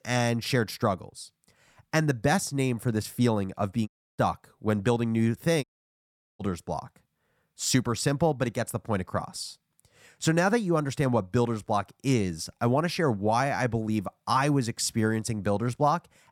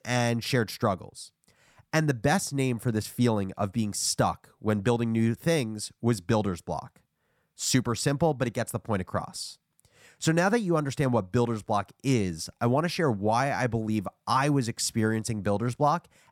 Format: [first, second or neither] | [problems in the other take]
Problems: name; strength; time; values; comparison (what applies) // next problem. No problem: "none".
second | audio cutting out; at 4 s and at 5.5 s for 1 s